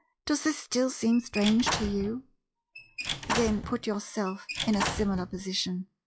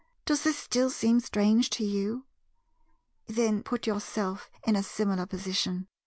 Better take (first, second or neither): second